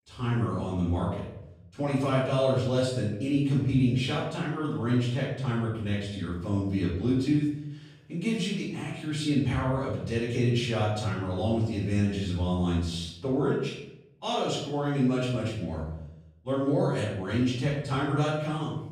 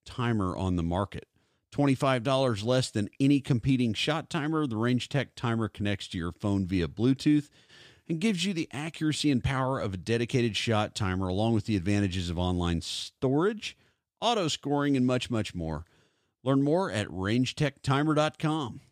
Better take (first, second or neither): second